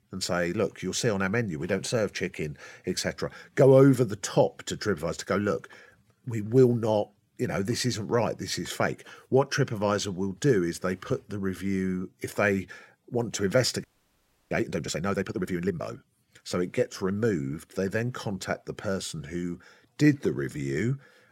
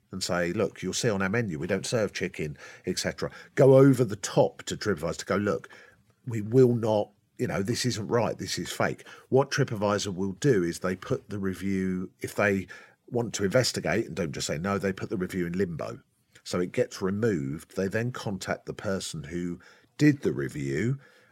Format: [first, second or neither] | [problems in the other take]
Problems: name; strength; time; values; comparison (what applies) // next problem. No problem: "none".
second | audio freezing; at 14 s for 0.5 s